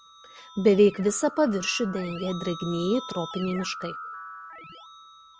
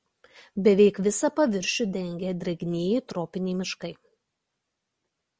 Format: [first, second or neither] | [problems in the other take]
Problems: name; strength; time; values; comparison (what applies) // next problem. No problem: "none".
second | background sound (Keyboard (musical)); 14 dB below the speech